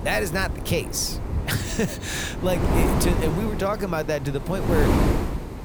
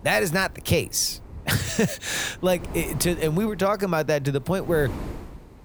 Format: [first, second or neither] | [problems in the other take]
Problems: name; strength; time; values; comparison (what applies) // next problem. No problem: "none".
second | wind noise on the microphone; heavy; 4 dB below the speech; occasional gusts in the second